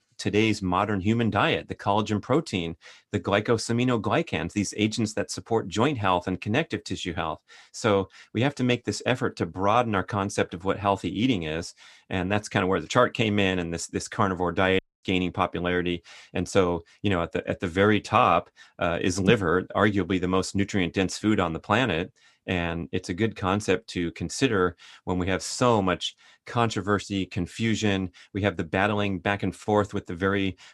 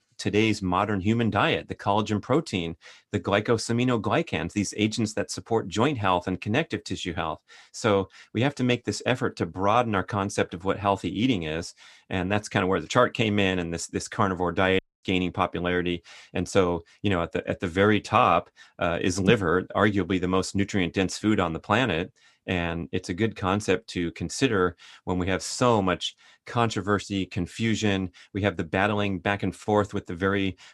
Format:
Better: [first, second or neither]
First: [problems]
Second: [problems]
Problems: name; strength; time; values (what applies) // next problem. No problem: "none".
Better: neither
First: audio cutting out; at 15 s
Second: audio cutting out; at 15 s